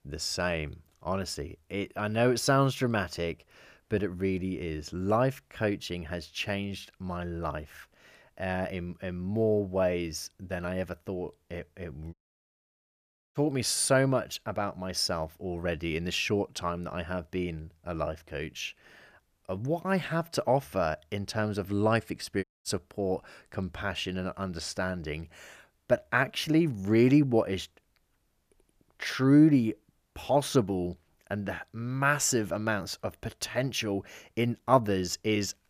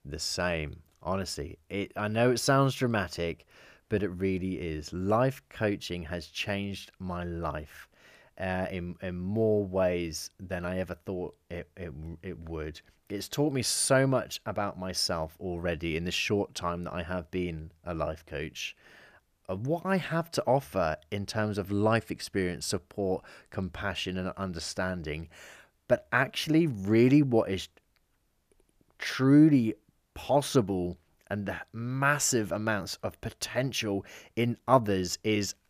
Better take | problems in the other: second | audio cutting out; at 12 s for 1 s and at 22 s

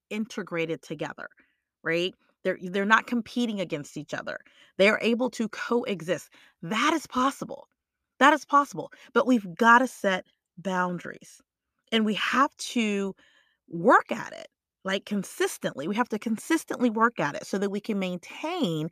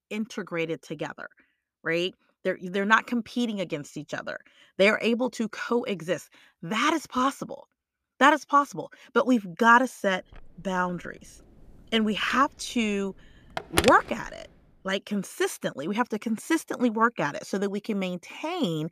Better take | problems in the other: first | phone ringing; loud; from 12 to 14 s; peak level with the speech

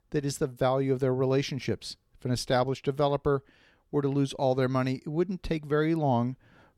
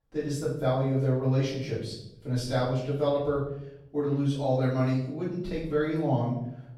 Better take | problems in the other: first | off-mic speech; far // room echo; noticeable; dies away in 0.7 s

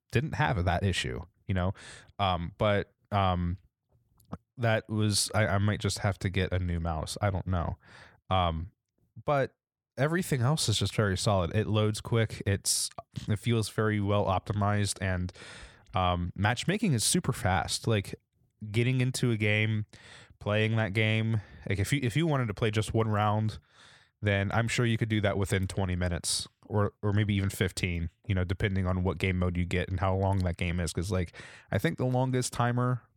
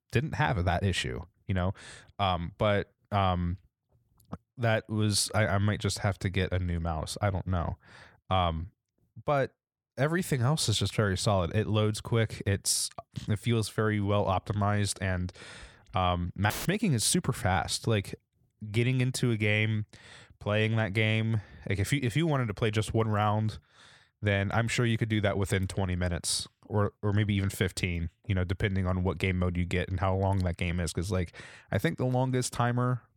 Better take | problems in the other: first | audio cutting out; filled with static; at 17 s

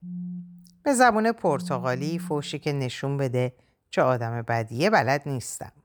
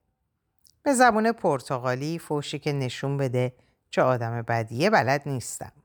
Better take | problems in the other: second | phone ringing; faint; until 2.5 s; peak 10 dB below the speech

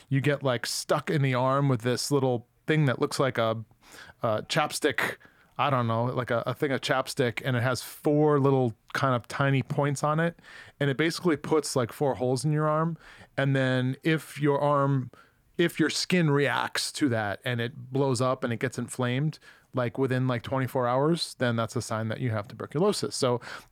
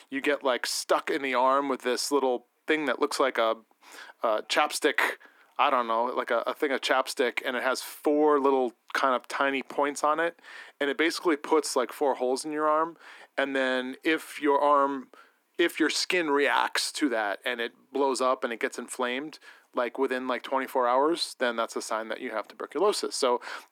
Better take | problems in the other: first | thin; somewhat; fading below 250 Hz

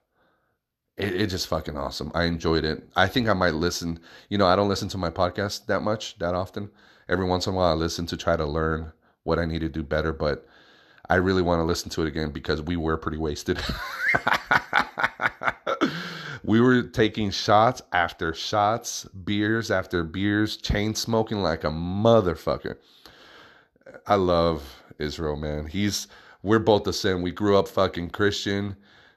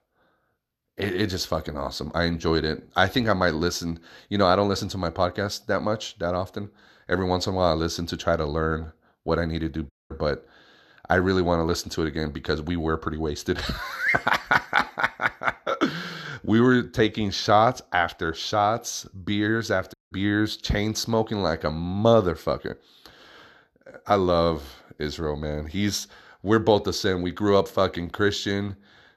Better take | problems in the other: first | audio cutting out; at 10 s and at 20 s

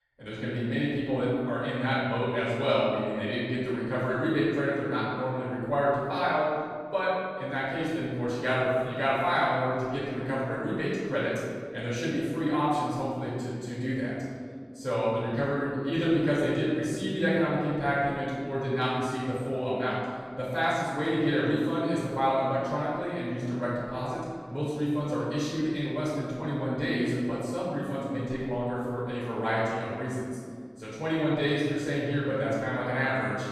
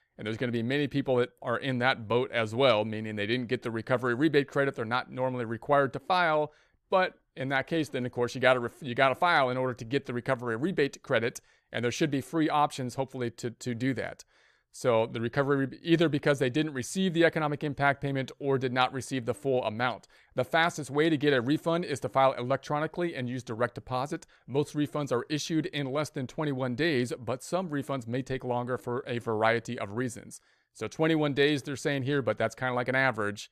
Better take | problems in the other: second | off-mic speech; far // room echo; strong; dies away in 2 s

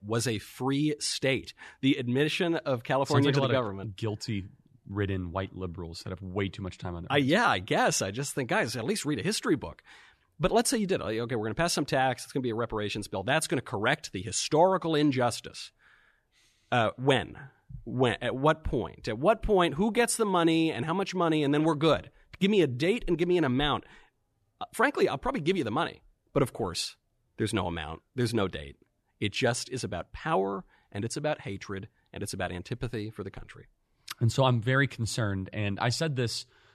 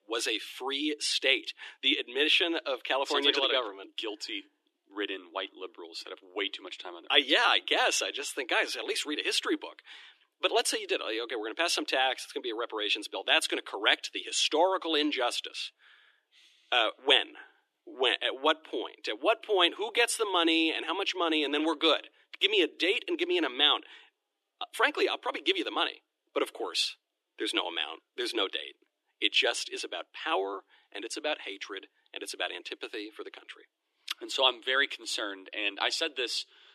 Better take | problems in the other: first | thin; somewhat; fading below 300 Hz

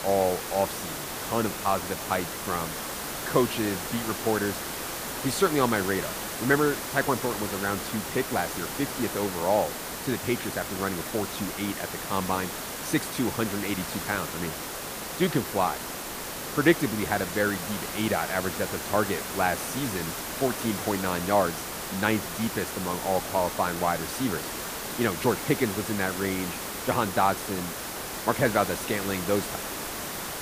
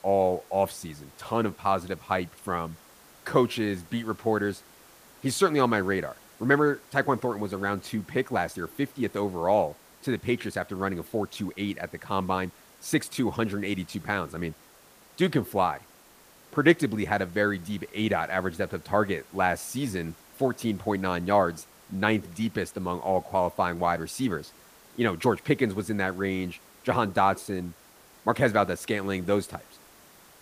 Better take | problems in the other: second | hiss; loud; throughout; 4 dB below the speech; faint in the second

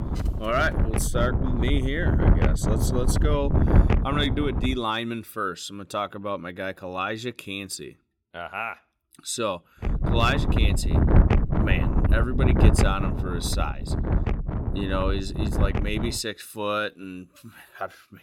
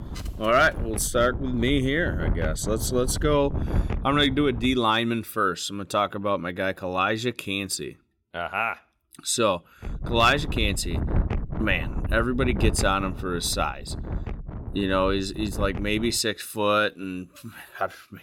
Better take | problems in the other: second | wind noise on the microphone; heavy; until 4.5 s and from 10 to 16 s; 4 dB below the speech; occasional gusts in the second

